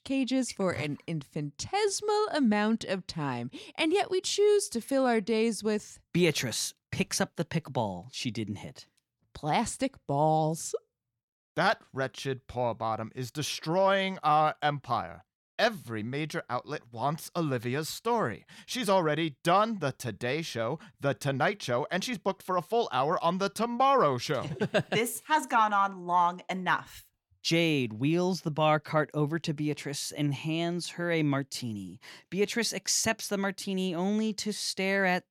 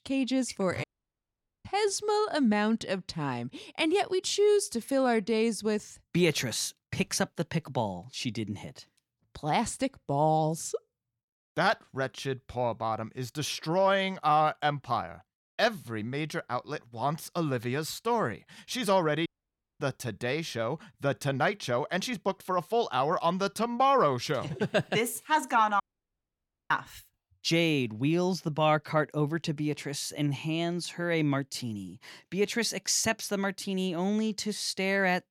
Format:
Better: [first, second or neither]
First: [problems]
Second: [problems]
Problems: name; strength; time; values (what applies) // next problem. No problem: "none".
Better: first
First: none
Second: audio cutting out; at 1 s for 1 s, at 19 s for 0.5 s and at 26 s for 1 s